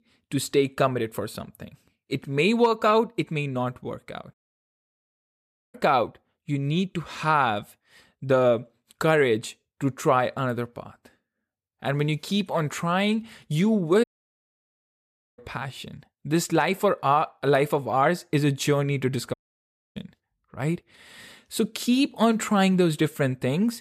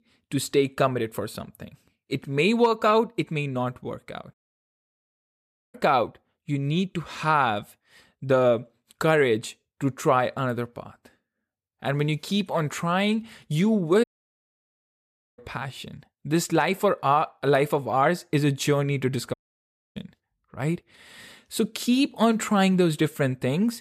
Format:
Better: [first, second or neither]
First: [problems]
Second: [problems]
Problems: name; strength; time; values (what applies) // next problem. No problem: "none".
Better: neither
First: audio cutting out; at 4.5 s for 1.5 s, at 14 s for 1.5 s and at 19 s for 0.5 s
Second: audio cutting out; at 4.5 s for 1.5 s, at 14 s for 1.5 s and at 19 s for 0.5 s